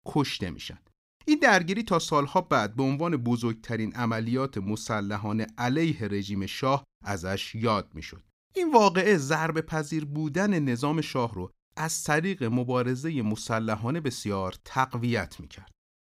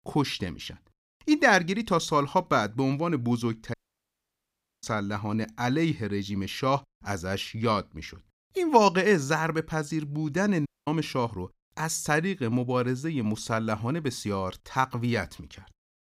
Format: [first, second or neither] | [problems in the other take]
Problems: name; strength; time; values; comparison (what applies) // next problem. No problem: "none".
first | audio cutting out; at 3.5 s for 1 s and at 11 s